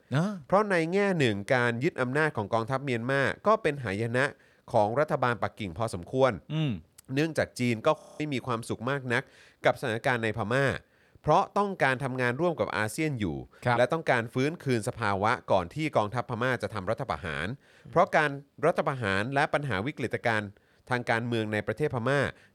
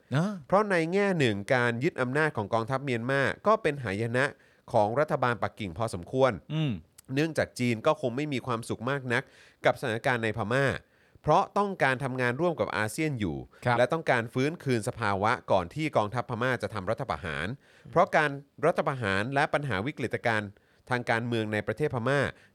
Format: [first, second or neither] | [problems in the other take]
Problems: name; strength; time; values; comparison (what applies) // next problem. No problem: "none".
second | audio freezing; at 8 s